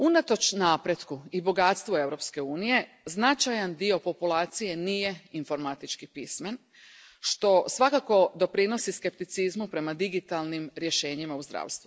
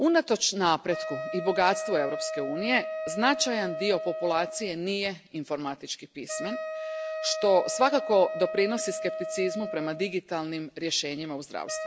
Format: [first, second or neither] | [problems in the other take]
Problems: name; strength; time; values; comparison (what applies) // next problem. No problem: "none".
first | background sound (Wind instrument, woodwind instrument); 8 dB below the speech